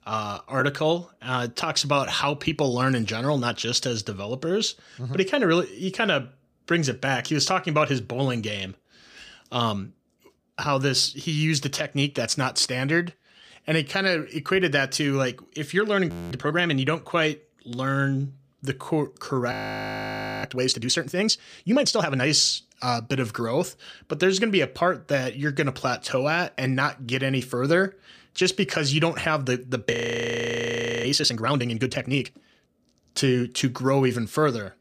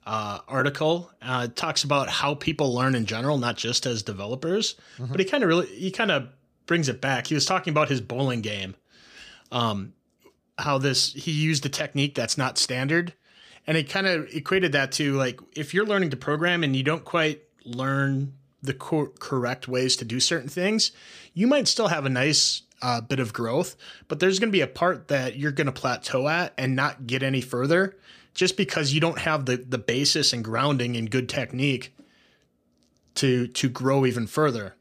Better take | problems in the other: second | audio freezing; at 16 s, at 20 s for 1 s and at 30 s for 1 s

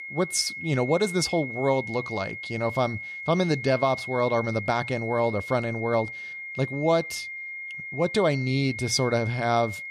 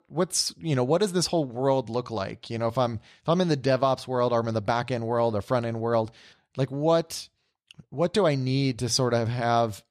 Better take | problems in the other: second | high-pitched whine; loud; throughout; 2 kHz, 8 dB below the speech

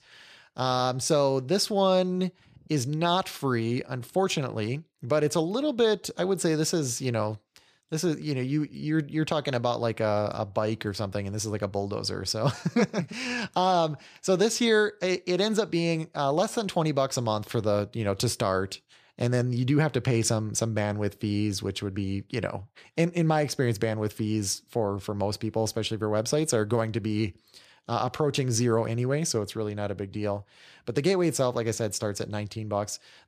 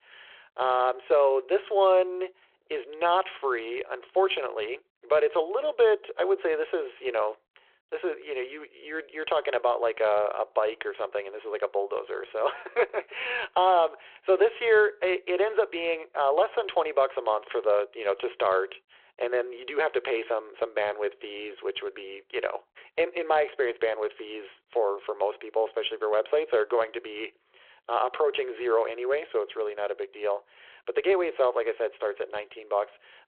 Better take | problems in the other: first | phone-call audio

